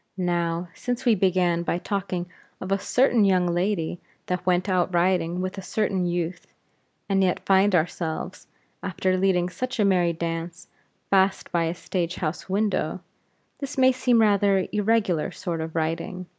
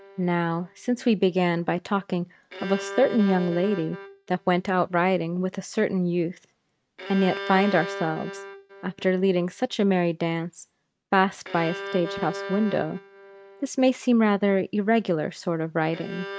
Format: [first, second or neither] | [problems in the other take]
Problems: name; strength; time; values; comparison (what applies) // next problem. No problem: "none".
first | noise reduction (neural mask model RNNoise)